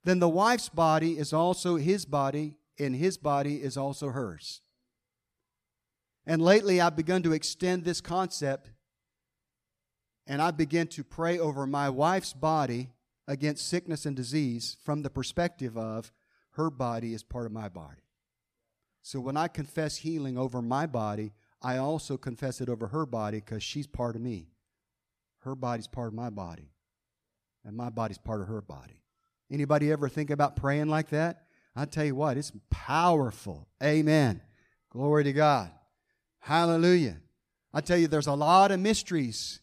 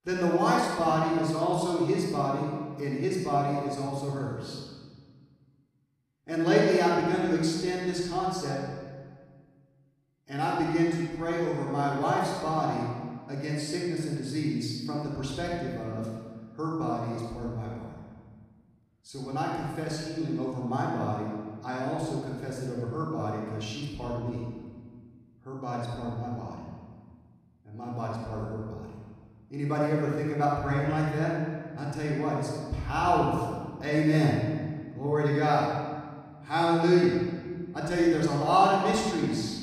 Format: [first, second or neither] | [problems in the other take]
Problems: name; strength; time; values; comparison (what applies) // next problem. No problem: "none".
first | room echo; strong; dies away in 1.5 s // off-mic speech; far